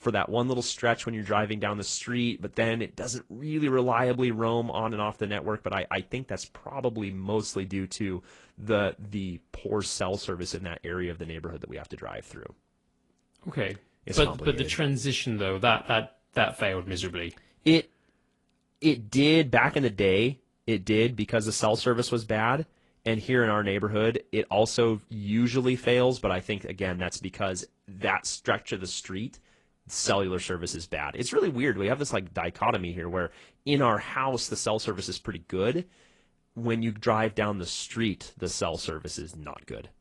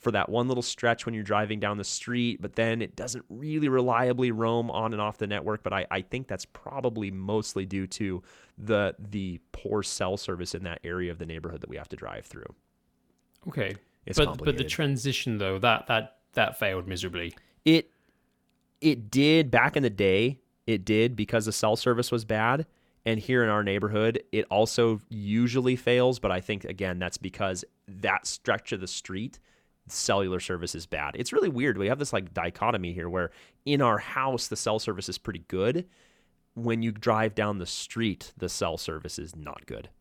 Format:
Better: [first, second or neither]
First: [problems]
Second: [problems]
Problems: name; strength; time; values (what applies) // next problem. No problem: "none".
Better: second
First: garbled, watery; slightly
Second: none